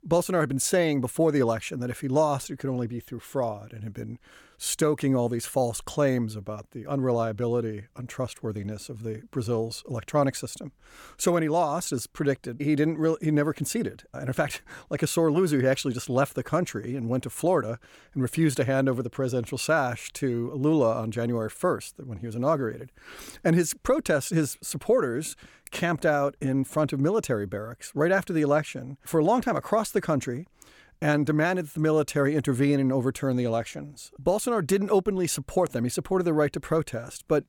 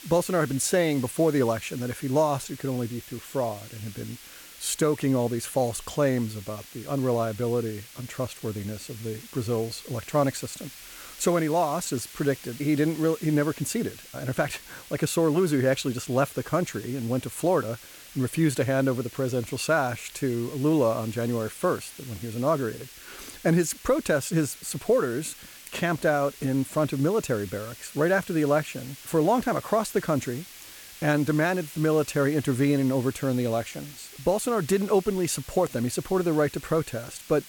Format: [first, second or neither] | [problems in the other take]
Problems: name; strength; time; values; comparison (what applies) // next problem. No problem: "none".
first | hiss; noticeable; throughout; 15 dB below the speech